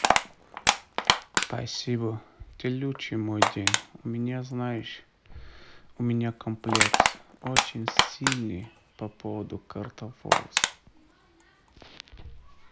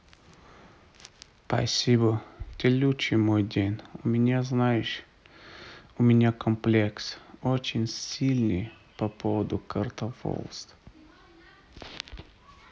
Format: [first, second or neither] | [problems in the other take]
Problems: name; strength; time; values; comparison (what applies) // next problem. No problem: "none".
second | background sound (Crushing); 4 dB above the speech